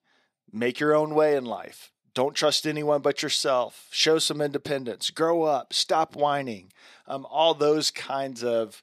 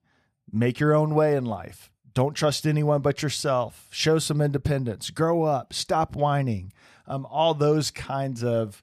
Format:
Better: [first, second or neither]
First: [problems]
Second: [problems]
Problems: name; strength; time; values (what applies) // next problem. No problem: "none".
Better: second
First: thin; somewhat; fading below 350 Hz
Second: none